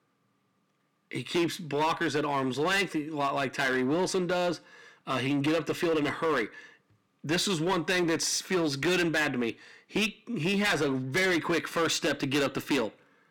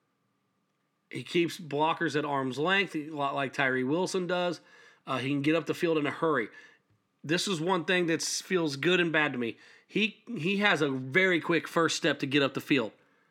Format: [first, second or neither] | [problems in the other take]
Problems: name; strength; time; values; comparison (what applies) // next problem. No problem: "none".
second | distortion; heavy; 11% of the sound clipped